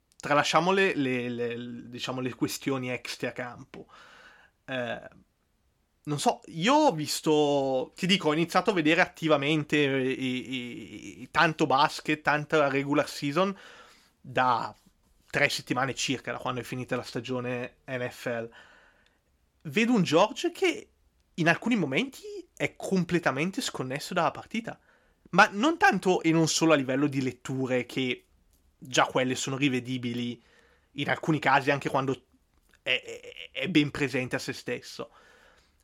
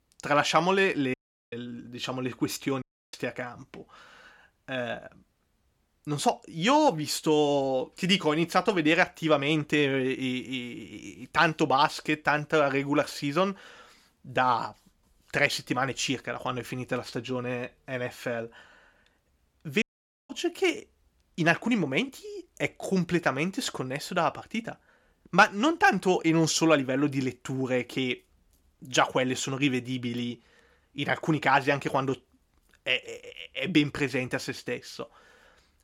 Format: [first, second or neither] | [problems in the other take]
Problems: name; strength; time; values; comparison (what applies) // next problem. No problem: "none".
first | audio cutting out; at 1 s, at 3 s and at 20 s